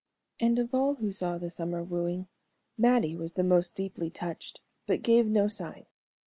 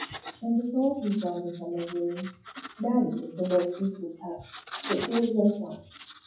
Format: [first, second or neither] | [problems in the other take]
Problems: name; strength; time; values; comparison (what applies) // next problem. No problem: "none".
first | noise reduction (classical method WPE with log-MMSE)